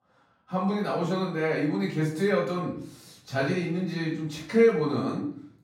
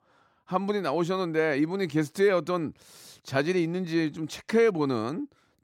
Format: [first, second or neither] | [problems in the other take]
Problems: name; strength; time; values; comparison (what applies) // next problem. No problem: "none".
second | off-mic speech; far // room echo; noticeable; dies away in 0.5 s